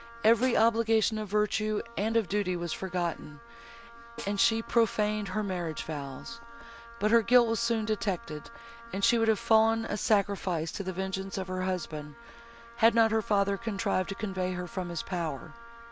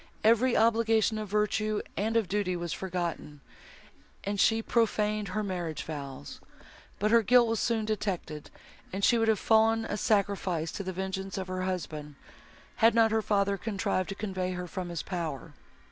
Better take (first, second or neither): second